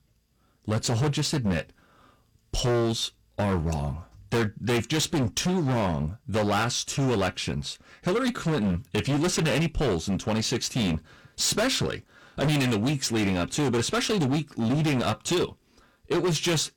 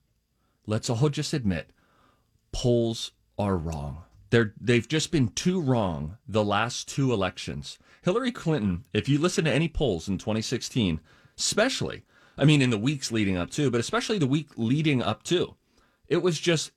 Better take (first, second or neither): second